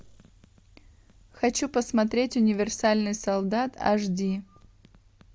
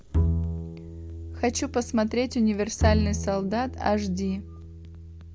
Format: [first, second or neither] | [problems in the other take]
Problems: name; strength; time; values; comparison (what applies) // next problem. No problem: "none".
first | background sound (Bowed string instrument); 2 dB below the speech